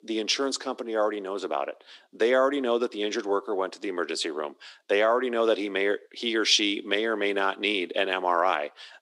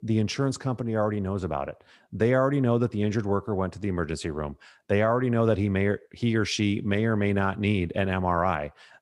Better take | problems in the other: second | thin; somewhat; fading below 300 Hz

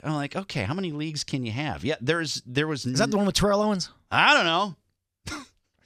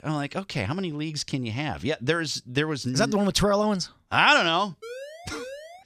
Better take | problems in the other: first | siren; faint; from 5 s on; peak 15 dB below the speech

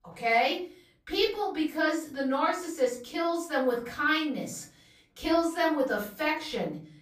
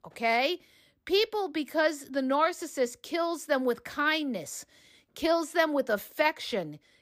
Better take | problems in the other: second | off-mic speech; far // room echo; slight; dies away in 0.4 s

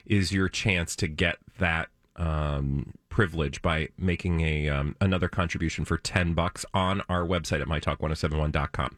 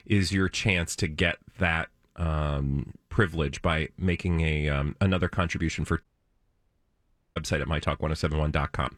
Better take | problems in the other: first | audio cutting out; at 6 s for 1.5 s

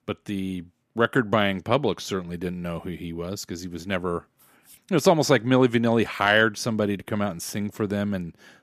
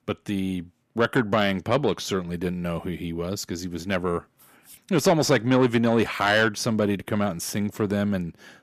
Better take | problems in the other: first | distortion; slight; 10 dB below the speech

